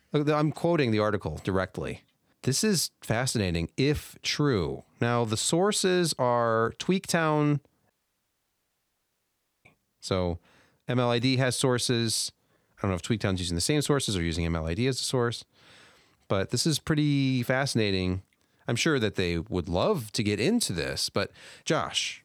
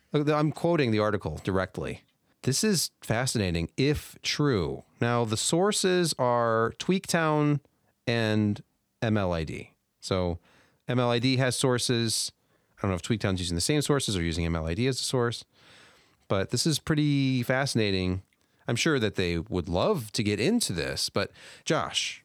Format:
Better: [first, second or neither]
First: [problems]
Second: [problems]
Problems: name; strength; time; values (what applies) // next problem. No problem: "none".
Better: second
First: audio cutting out; at 8 s for 2 s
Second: none